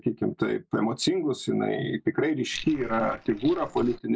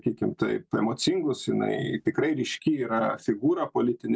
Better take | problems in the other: second | noise reduction (neural mask model Resemble Enhance denoiser)

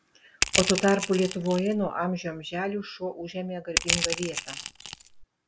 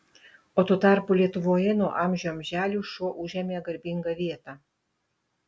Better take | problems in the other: second | background sound (Crushing); 1 dB below the speech

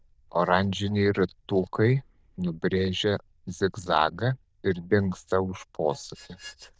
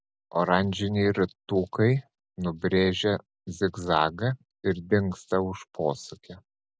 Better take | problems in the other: second | noise reduction (neural diffusion model UNIVERSE++)

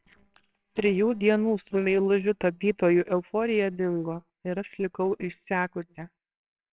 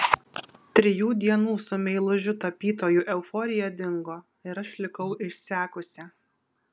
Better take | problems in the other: second | noise reduction (neural separator model SepFormer WHAMR!)

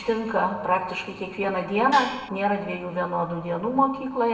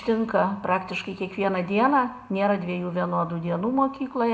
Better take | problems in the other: second | background sound (Gong); 8 dB below the speech // room echo; dies away in 1.2 s

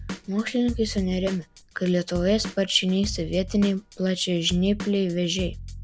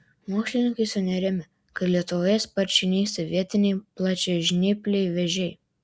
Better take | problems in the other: second | background sound (Drum / Drum kit); 12 dB below the speech

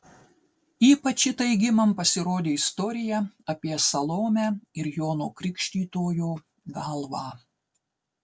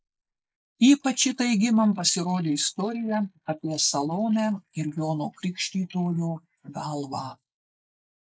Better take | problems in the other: first | noise reduction (neural mask model Resemble Enhance denoiser)

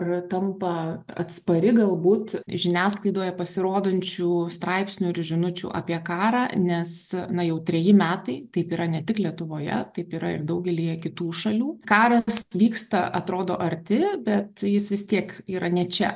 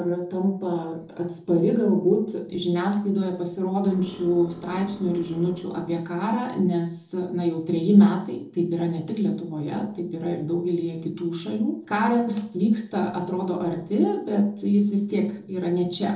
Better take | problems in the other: first | noise reduction (neural separator model SepFormer DNS4)

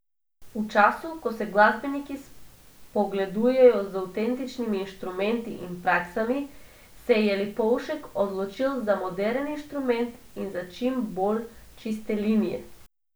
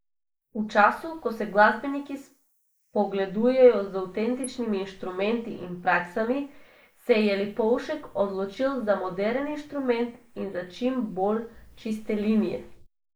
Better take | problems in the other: first | noise reduction (neural mask model Resemble Enhance denoiser)

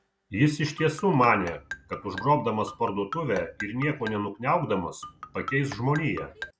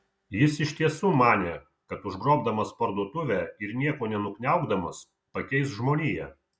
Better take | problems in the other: second | background sound (Marimba, xylophone); 13 dB below the speech

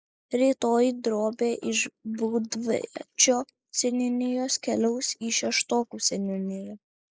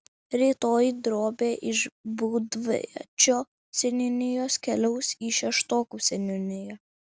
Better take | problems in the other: second | noise reduction (neural mask model Resemble Enhance denoiser)

